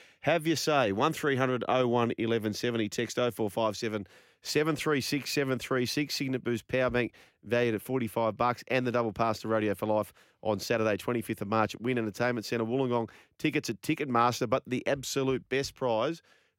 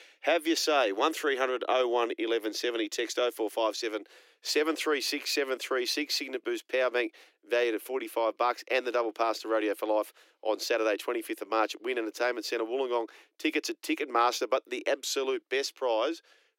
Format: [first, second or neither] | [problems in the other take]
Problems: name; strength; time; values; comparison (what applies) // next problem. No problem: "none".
first | thin; somewhat; fading below 300 Hz